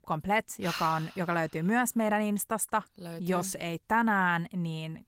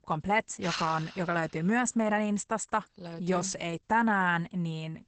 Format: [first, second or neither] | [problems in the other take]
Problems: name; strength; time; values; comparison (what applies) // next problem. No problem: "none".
first | garbled, watery; badly; nothing above 8 kHz; slightly in the first